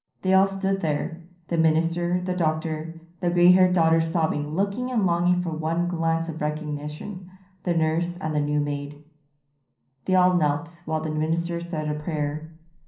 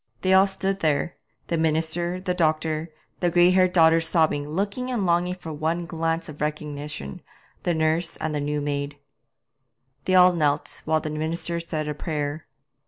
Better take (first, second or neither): second